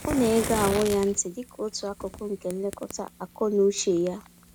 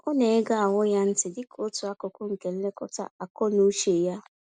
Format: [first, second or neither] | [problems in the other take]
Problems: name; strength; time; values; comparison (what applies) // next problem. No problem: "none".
second | background sound (Fire); 10 dB below the speech